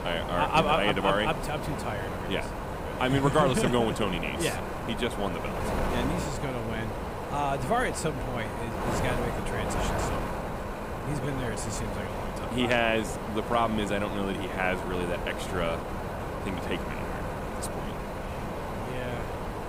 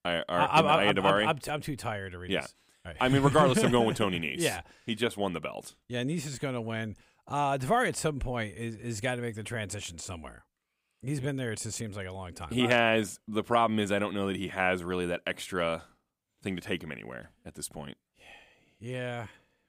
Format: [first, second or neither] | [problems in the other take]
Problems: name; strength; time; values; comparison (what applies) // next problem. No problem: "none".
second | wind noise on the microphone; heavy; 5 dB below the speech